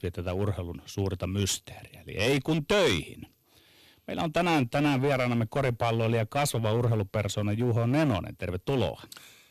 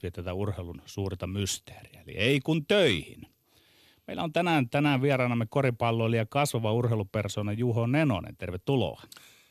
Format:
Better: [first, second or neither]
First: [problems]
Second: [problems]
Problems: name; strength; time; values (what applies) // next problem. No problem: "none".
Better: second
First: distortion; heavy; 7% of the sound clipped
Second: none